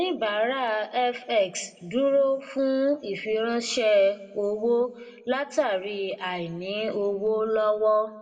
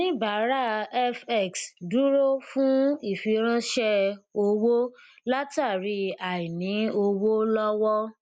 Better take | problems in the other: second | room echo; dies away in 0.7 s

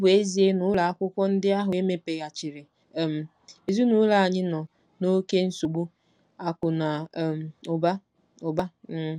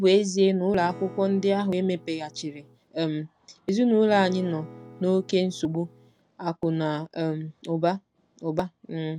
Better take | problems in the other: first | background sound (Acoustic guitar / Strum); 19 dB below the speech

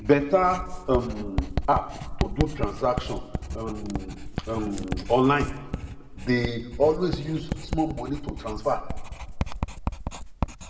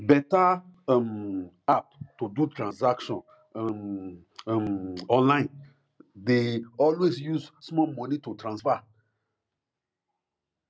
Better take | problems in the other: second | background sound (Writing); 5 dB below the speech // room echo; dies away in 1.3 s

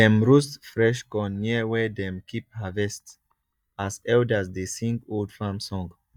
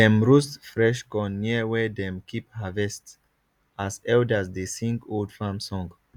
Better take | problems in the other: second | noise reduction (neural mask model DeepFilterNet 3)

